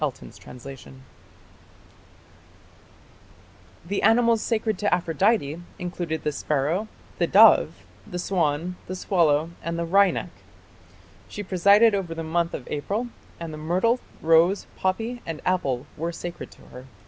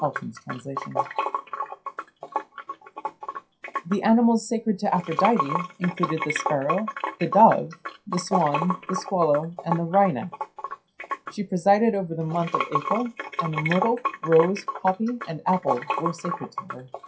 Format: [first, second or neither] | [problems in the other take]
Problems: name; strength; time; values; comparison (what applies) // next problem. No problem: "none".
first | noise reduction (classical method WPE with log-MMSE)